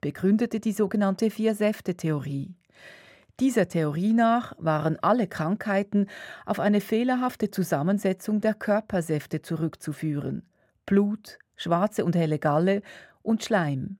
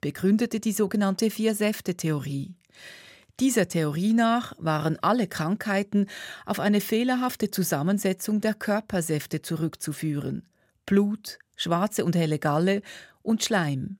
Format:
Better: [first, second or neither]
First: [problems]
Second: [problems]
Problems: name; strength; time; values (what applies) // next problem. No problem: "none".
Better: second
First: muffled; slightly; fading above 3 kHz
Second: none